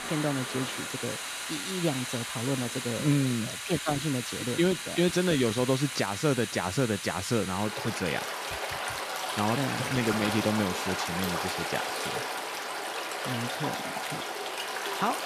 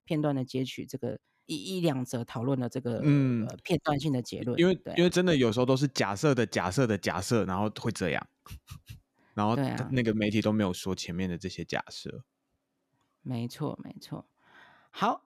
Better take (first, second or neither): second